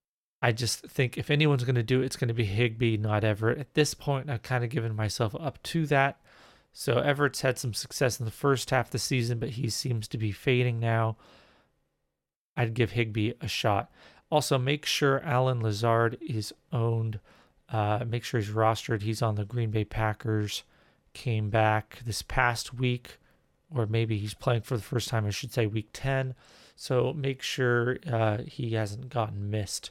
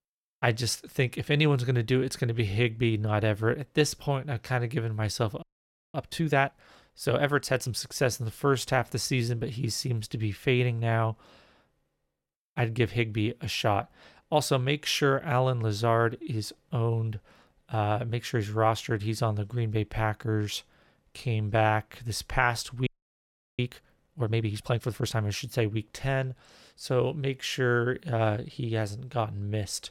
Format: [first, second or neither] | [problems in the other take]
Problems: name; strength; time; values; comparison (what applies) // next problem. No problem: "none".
first | audio freezing; at 5.5 s for 0.5 s and at 23 s for 0.5 s